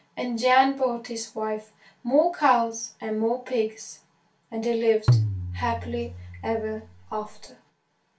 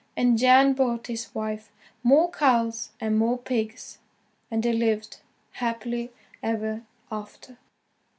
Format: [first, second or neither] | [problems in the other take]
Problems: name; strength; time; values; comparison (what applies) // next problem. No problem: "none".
second | background sound (Tabla); 1 dB below the speech // room echo; dies away in 0.2 s